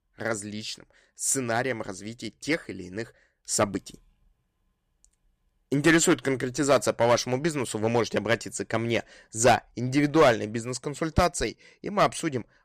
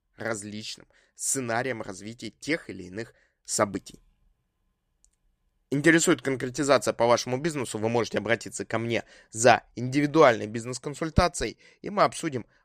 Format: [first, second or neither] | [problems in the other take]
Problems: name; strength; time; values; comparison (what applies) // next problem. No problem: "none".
second | distortion; slight; 1.7% of the sound clipped